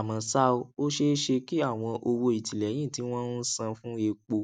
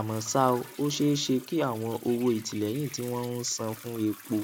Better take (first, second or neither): first